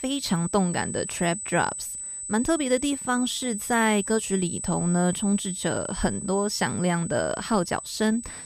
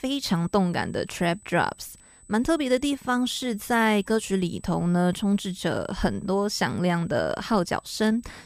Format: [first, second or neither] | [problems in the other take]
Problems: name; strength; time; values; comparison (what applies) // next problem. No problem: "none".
second | high-pitched whine; loud; throughout; 8 kHz, 7 dB below the speech; faint in the second